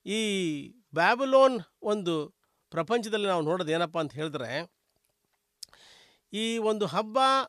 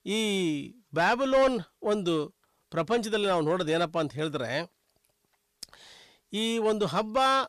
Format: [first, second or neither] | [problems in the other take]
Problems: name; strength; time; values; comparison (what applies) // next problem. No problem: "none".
first | distortion; slight; 10 dB below the speech